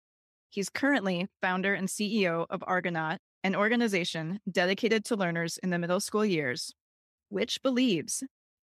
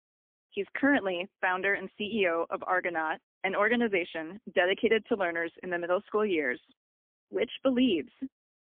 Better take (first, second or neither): first